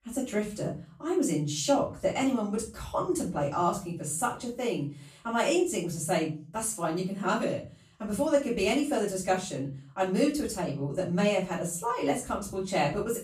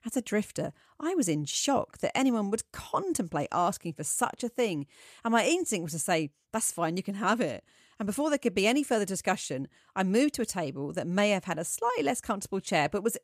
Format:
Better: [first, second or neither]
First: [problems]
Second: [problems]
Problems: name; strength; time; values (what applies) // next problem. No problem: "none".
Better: second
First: off-mic speech; far // room echo; slight; dies away in 0.4 s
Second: none